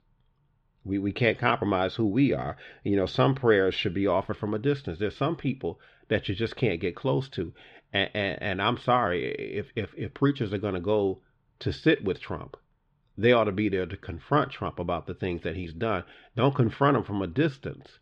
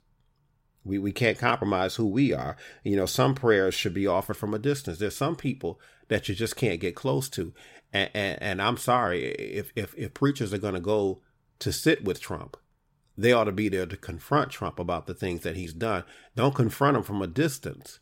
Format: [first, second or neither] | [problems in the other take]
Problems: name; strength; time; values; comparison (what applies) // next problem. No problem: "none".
second | muffled; slightly; fading above 3.5 kHz